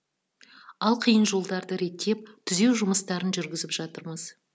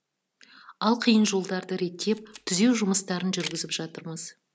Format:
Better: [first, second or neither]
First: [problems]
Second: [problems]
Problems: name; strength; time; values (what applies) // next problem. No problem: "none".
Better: first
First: none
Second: background sound (Camera); 20 dB below the speech